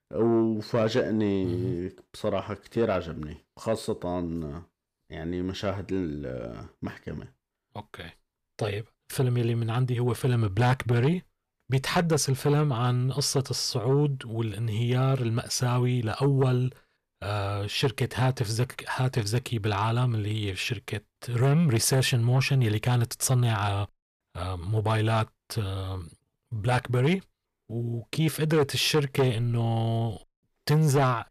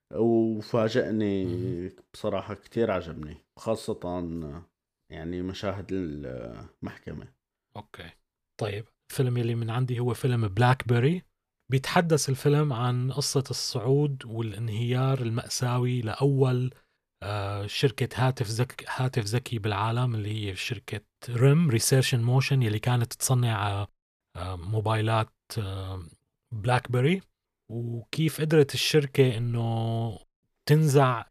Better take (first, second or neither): second